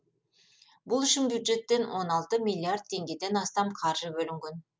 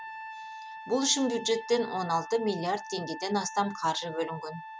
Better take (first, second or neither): first